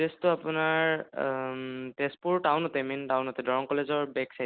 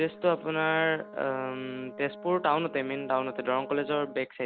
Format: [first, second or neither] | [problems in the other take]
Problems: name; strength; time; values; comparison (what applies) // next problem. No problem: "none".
first | background sound (Brass instrument); 16 dB below the speech